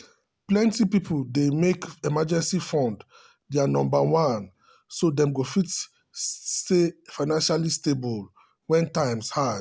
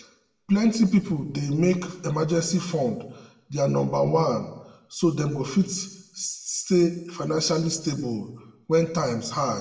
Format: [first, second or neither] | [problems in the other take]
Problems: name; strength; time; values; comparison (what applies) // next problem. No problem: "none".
first | room echo; dies away in 0.8 s